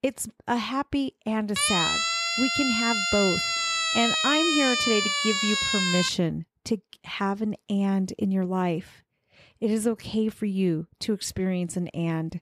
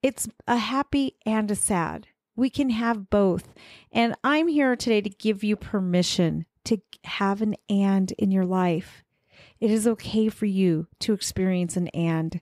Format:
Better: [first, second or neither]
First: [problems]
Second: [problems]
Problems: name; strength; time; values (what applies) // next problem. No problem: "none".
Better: second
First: siren; loud; from 1.5 to 6 s; peak 5 dB above the speech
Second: none